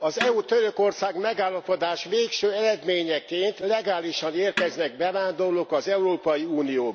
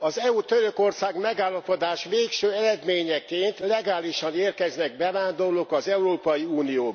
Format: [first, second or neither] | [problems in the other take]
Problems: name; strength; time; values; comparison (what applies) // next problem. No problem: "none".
second | background sound (Snare drum); 13 dB below the speech